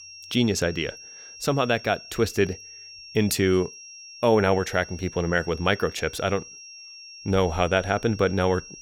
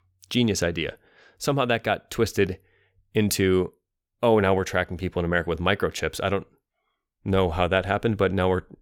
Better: second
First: high-pitched whine; noticeable; throughout; 5.5 kHz, 15 dB below the speech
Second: none

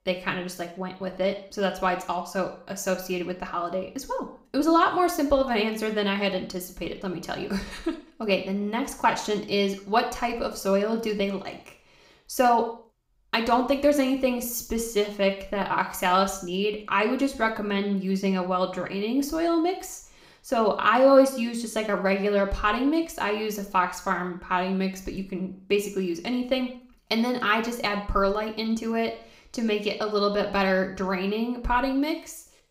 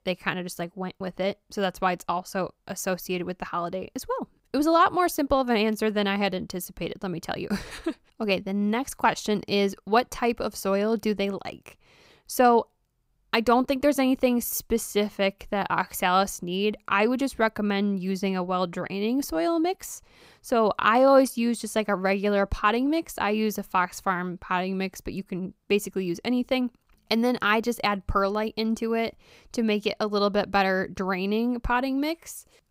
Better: second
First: room echo; slight; dies away in 0.5 s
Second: none

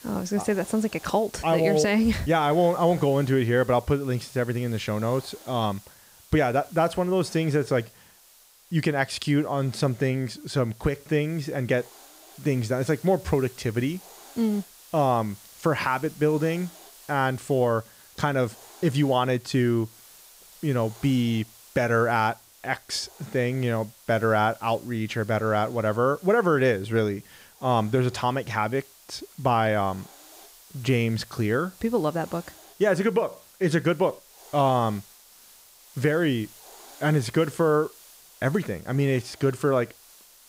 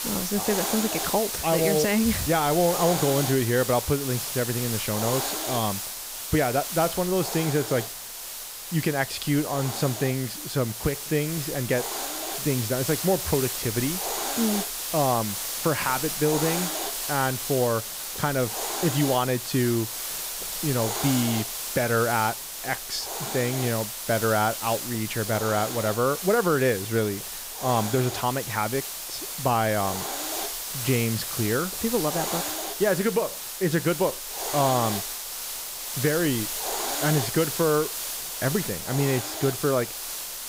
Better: first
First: hiss; faint; throughout; 25 dB below the speech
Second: hiss; loud; throughout; 3 dB below the speech

